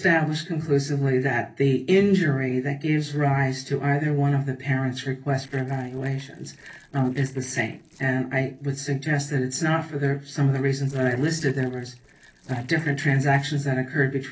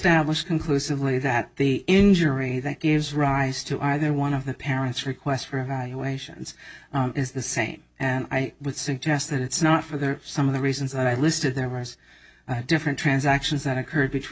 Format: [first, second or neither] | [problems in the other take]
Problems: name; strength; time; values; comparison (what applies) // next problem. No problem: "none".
second | noise reduction (neural separator model SepFormer DNS4)